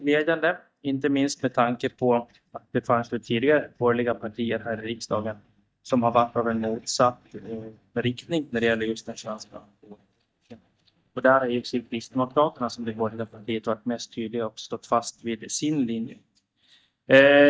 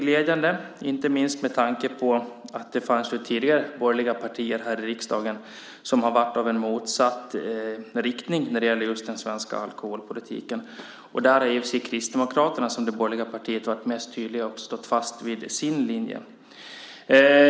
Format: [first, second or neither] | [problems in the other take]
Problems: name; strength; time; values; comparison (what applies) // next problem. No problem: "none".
second | noise reduction (neural mask model DeepFilterNet 3)